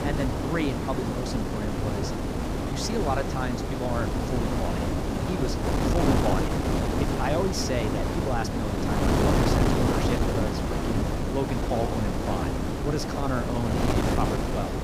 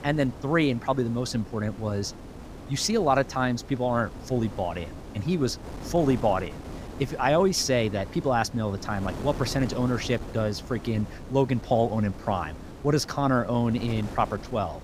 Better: second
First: wind noise on the microphone; heavy; 3 dB above the speech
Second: wind noise on the microphone; occasional gusts; 15 dB below the speech

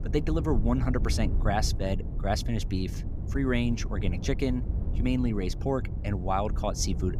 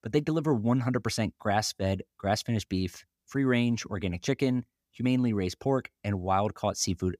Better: second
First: low rumble; noticeable; throughout; 15 dB below the speech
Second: none

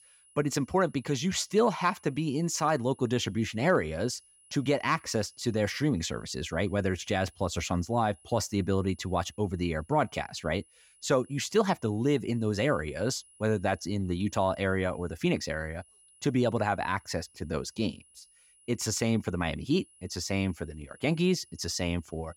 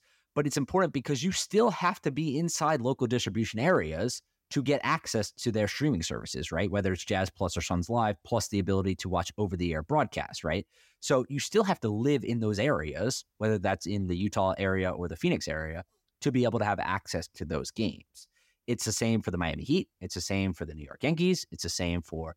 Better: second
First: high-pitched whine; faint; throughout; 10 kHz, 30 dB below the speech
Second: none

